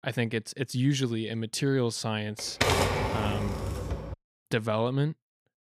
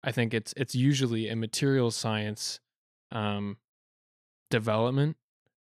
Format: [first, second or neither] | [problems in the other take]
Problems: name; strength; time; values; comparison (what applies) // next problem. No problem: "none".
second | keyboard typing; loud; from 2.5 to 4 s; peak 5 dB above the speech